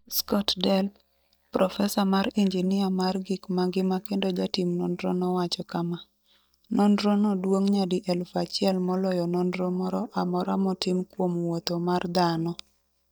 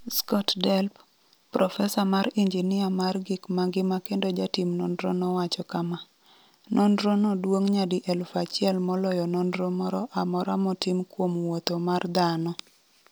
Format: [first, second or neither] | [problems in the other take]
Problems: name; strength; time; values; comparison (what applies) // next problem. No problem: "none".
second | noise reduction (neural mask model DeepFilterNet 3)